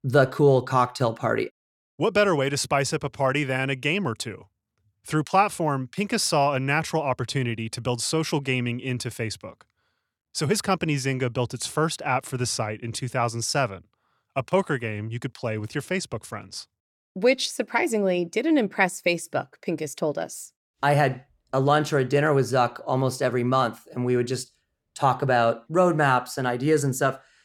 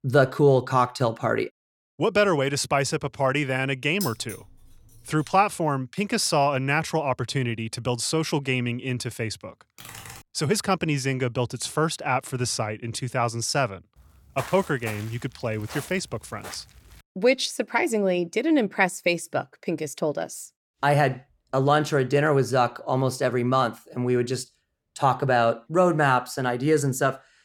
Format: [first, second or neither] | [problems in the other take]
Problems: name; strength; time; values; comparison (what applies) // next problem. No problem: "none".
first | jangling keys; noticeable; at 4 s; peak 9 dB below the speech // keyboard typing; faint; at 10 s; peak 15 dB below the speech // footsteps; faint; from 14 to 17 s; peak 15 dB below the speech